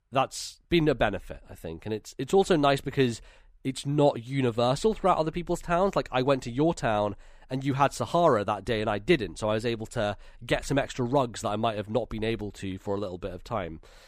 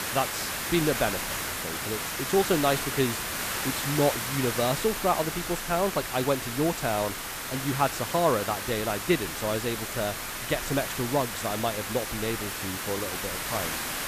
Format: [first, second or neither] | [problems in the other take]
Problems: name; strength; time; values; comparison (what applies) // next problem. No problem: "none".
first | hiss; loud; throughout; 2 dB below the speech